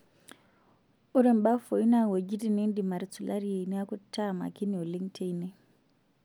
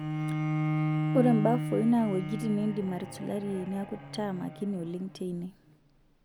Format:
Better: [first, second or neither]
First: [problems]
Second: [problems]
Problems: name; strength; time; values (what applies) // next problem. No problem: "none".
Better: first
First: none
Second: background sound (Bowed string instrument); 3 dB below the speech